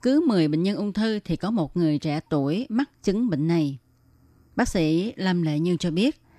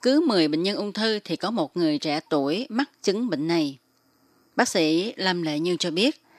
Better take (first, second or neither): first